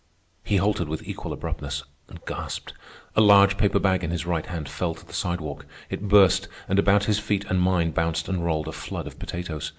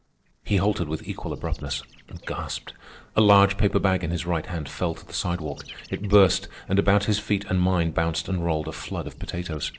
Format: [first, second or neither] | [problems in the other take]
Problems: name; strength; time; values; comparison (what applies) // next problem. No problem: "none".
first | noise reduction (neural separator model SepFormer DNS4)